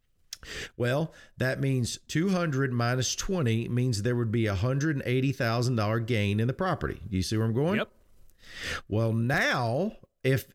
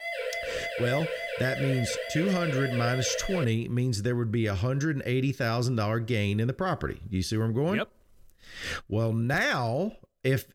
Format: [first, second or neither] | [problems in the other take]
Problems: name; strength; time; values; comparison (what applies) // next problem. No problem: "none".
first | siren; noticeable; until 3.5 s; peak 4 dB below the speech